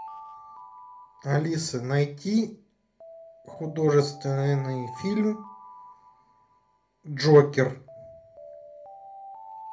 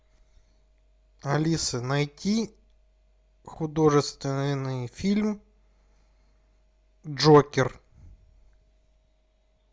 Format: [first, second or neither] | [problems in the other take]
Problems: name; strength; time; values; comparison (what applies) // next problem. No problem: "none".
second | background sound (Alarm); 18 dB below the speech // room echo; dies away in 0.3 s